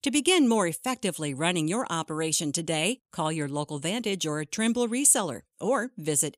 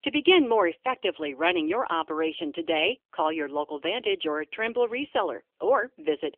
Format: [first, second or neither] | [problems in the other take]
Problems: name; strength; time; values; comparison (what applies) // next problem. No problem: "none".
first | phone-call audio; nothing above 3.5 kHz